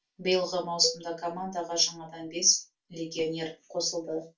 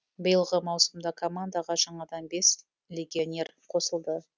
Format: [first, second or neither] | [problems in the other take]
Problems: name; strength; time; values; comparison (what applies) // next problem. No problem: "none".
second | background sound (Cowbell); 13 dB below the speech // room echo; dies away in 0.2 s